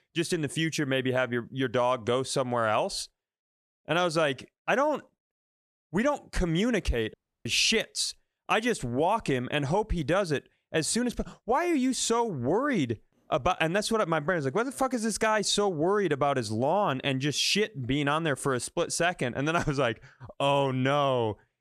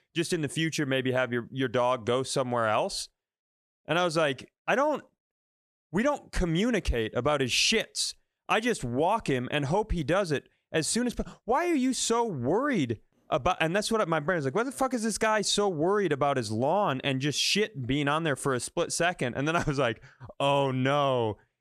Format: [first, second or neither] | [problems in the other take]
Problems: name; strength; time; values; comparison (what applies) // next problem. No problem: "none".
second | audio cutting out; at 7 s